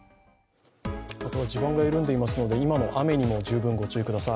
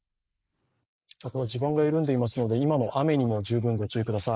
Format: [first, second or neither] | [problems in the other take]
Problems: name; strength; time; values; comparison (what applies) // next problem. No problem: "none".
first | noise reduction (neural mask model Resemble Enhance denoiser)